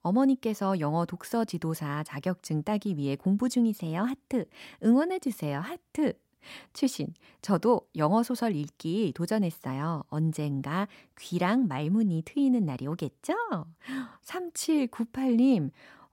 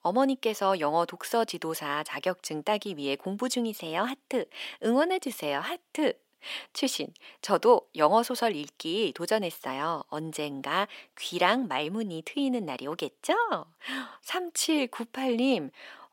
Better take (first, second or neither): first